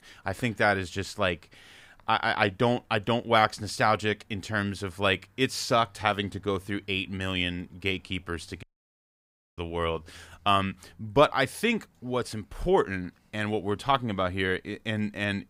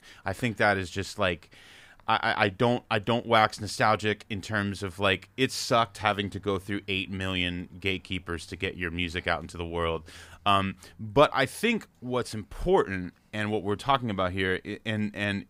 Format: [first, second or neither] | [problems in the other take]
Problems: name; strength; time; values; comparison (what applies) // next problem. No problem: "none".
second | audio cutting out; at 8.5 s for 1 s